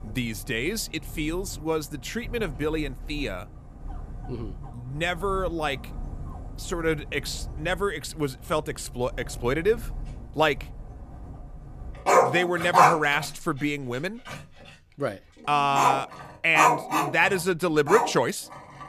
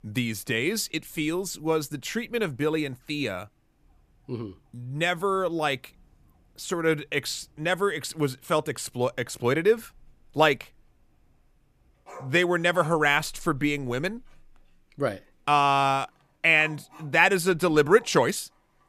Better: second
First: animal sounds; loud; throughout; as loud as the speech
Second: animal sounds; faint; throughout; 25 dB below the speech

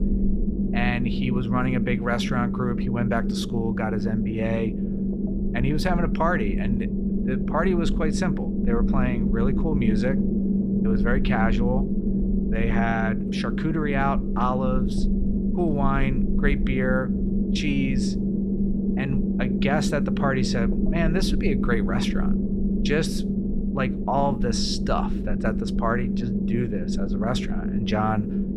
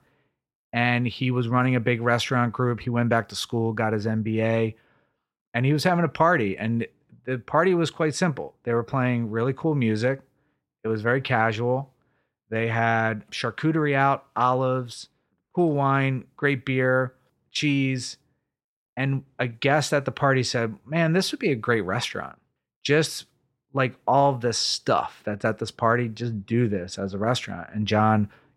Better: second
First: low rumble; loud; throughout; 4 dB below the speech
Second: none

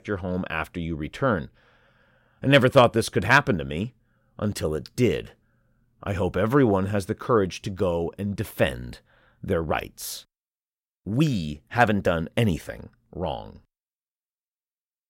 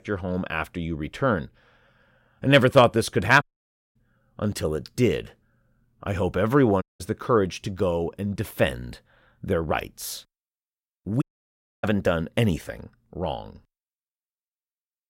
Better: first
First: none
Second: audio cutting out; at 3.5 s for 0.5 s, at 7 s and at 11 s for 0.5 s

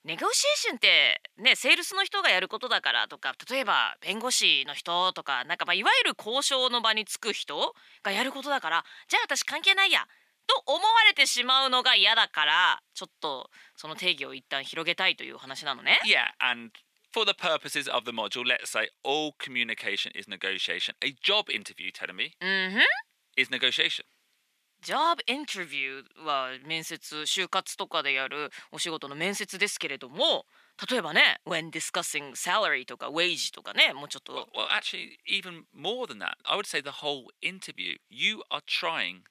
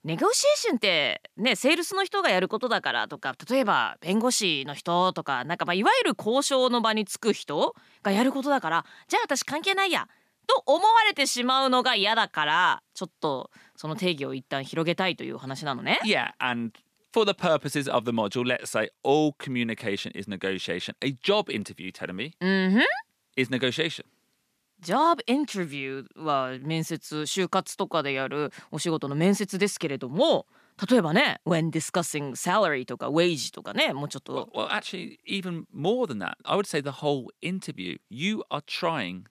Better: second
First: thin; somewhat; fading below 950 Hz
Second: none

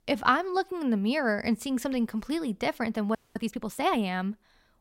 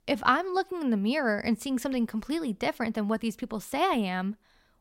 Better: second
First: audio freezing; at 3 s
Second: none

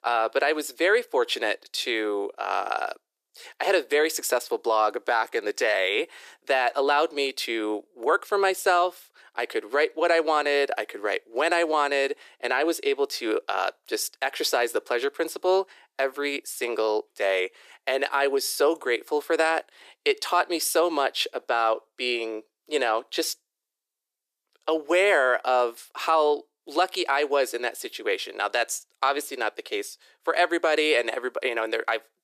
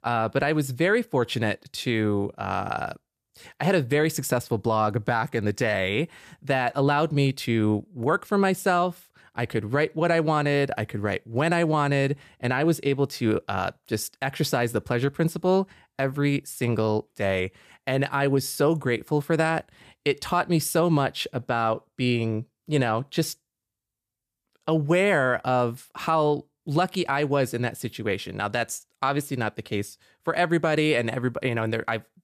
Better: second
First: thin; very; fading below 350 Hz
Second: none

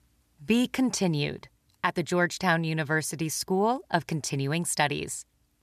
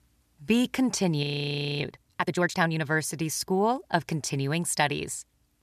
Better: first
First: none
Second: audio freezing; at 1 s for 0.5 s

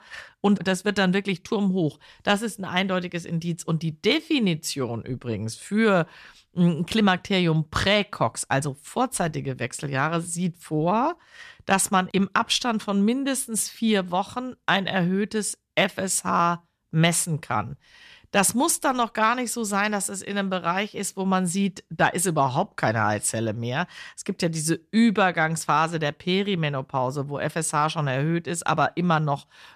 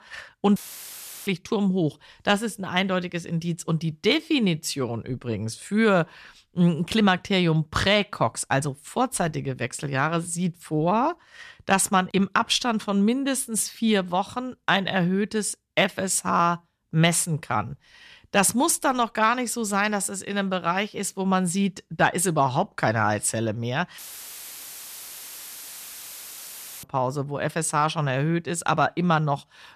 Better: first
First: none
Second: audio cutting out; filled with static; at 0.5 s for 0.5 s and at 24 s for 3 s

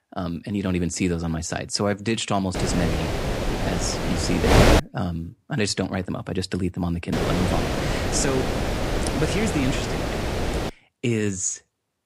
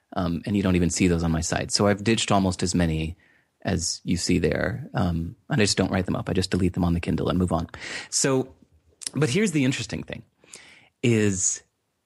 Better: second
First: wind noise on the microphone; heavy; from 2.5 to 5 s and from 7 to 11 s; 3 dB above the speech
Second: none

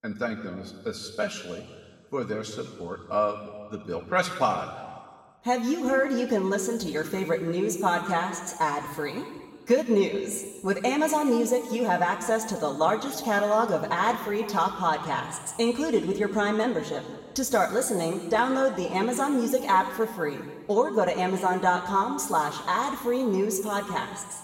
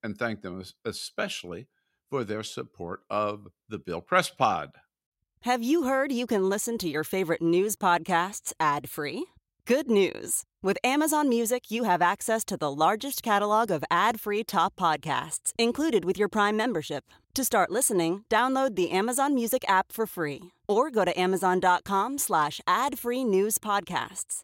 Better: second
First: room echo; noticeable; dies away in 1.6 s // off-mic speech; somewhat distant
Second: none

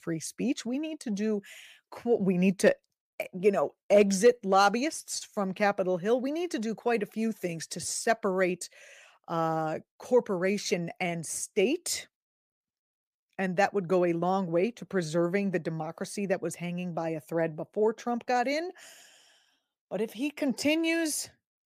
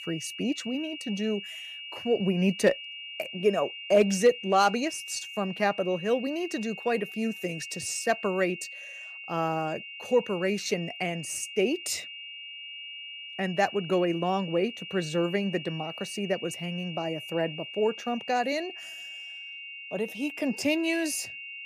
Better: first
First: none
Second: high-pitched whine; loud; throughout; 3 kHz, 10 dB below the speech

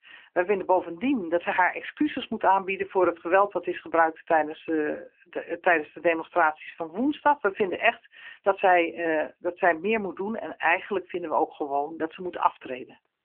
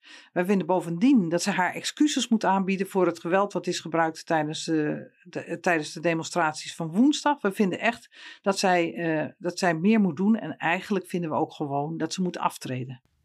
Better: second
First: phone-call audio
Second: none

